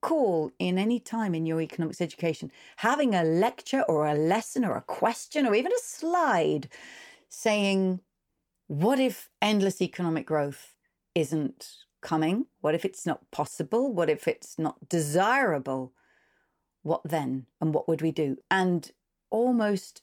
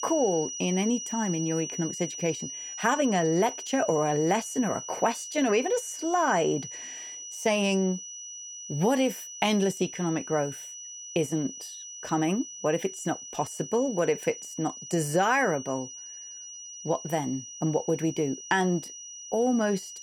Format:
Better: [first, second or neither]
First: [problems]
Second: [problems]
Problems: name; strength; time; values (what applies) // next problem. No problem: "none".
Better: first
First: none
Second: high-pitched whine; loud; throughout; 6 kHz, 10 dB below the speech